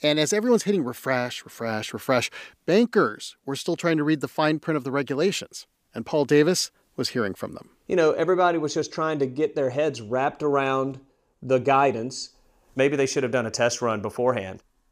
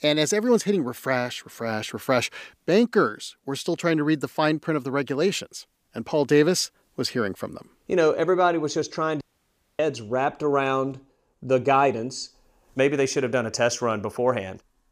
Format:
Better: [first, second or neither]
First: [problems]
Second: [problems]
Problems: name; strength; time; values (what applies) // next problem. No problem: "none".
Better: first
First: none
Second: audio cutting out; at 9 s for 0.5 s